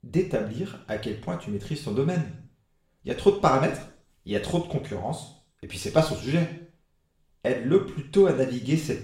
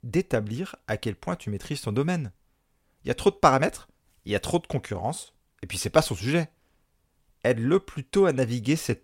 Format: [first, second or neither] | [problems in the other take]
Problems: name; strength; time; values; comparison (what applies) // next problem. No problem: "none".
second | room echo; slight; dies away in 0.5 s // off-mic speech; somewhat distant